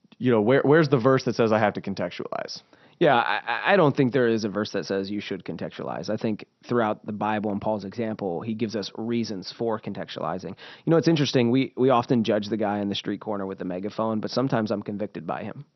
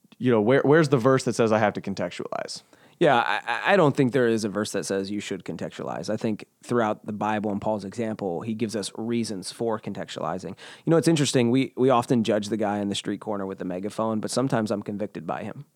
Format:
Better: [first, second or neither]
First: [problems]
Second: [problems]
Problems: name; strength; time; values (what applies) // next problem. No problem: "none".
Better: second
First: garbled, watery; slightly; nothing above 6 kHz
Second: none